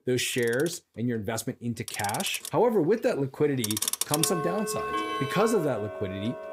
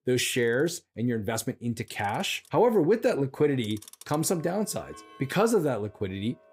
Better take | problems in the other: second | household noises; loud; throughout; 3 dB below the speech; faint in the second

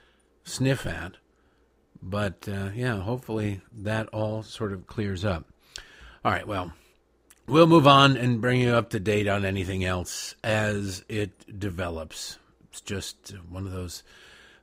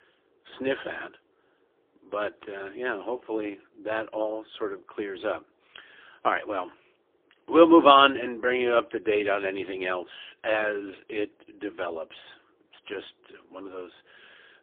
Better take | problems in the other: first | phone-call audio; poor line; nothing above 3.5 kHz

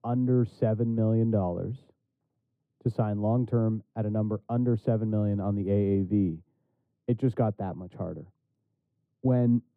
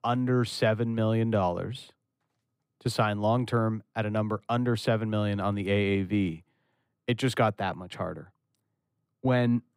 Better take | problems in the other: second | muffled; very; fading above 1 kHz

